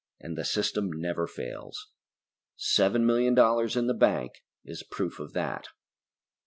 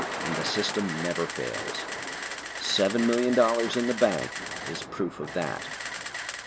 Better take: first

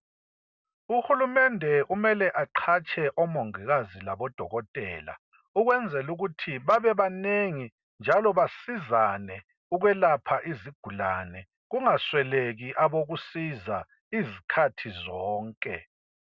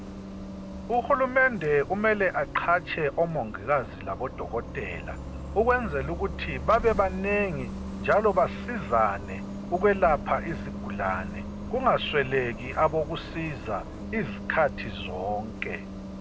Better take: first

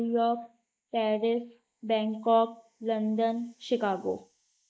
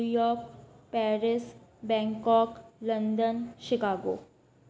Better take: second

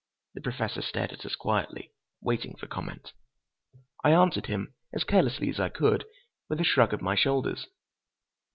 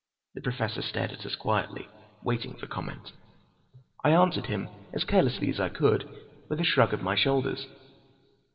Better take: first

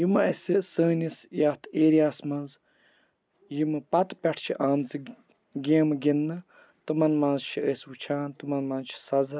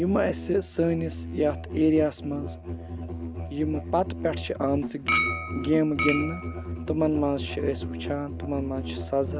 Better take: first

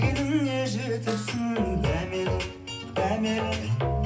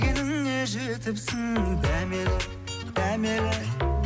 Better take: second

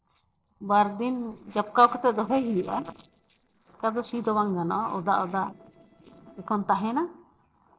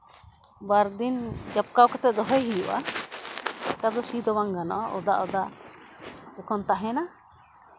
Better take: second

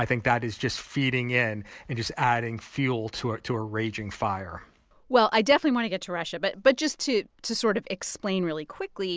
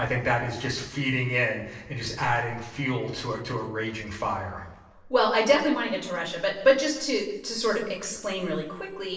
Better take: first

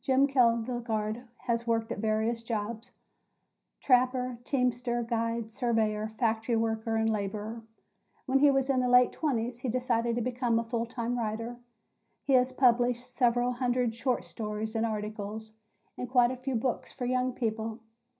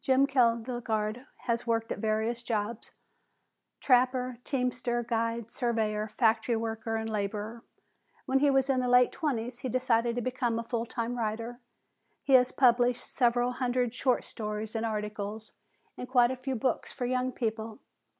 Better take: second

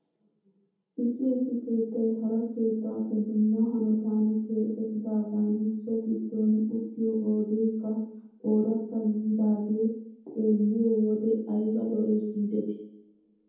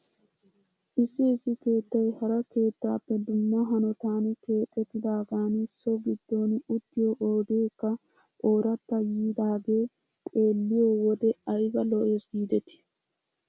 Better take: second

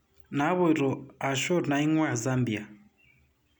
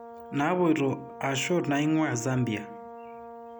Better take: first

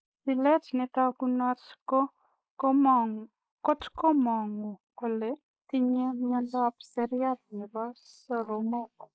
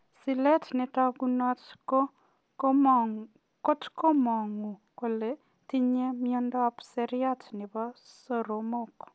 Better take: second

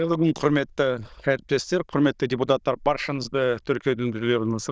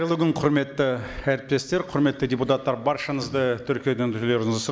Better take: second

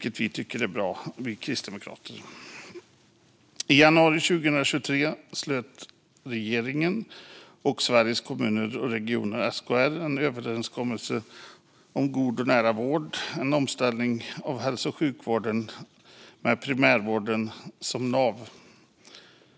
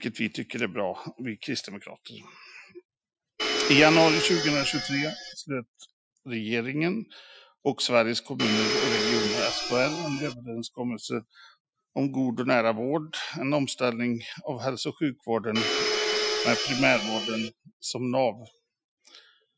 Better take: first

